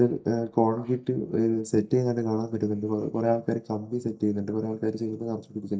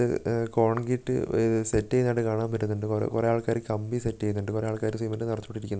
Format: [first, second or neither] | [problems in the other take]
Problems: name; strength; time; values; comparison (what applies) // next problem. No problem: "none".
second | noise reduction (neural mask model DeepFilterNet 3)